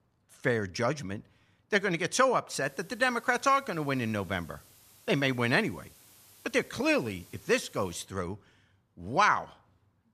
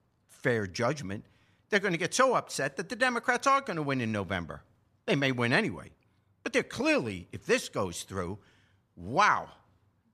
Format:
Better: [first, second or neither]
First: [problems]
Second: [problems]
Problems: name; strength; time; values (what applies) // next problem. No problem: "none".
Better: second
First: hiss; faint; from 2.5 to 8 s; 25 dB below the speech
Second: none